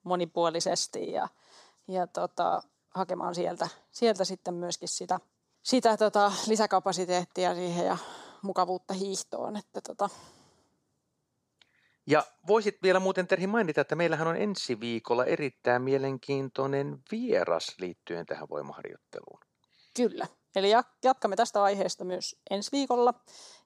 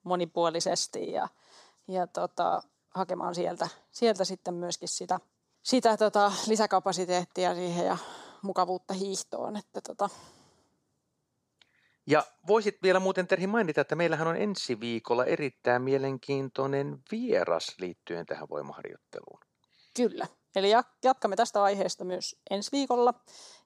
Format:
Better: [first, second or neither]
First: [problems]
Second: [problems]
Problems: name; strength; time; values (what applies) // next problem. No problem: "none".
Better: neither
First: none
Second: none